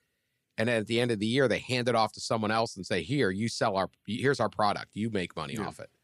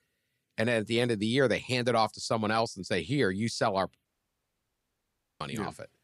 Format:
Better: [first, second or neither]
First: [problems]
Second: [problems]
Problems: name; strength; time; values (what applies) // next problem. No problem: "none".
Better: first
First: none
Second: audio cutting out; at 4 s for 1.5 s